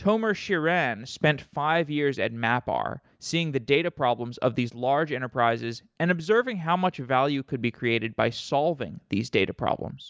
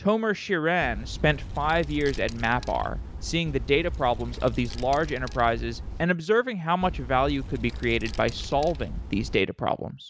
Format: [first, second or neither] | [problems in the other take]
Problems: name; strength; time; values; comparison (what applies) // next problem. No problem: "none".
first | background sound (Wind); 8 dB below the speech